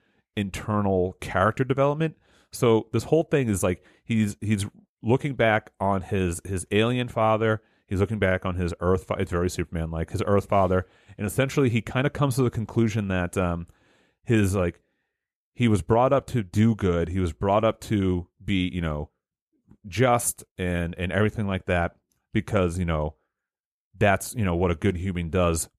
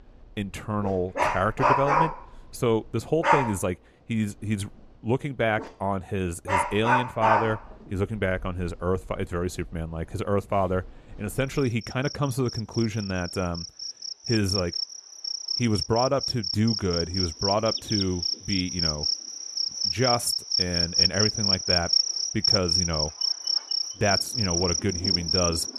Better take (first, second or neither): first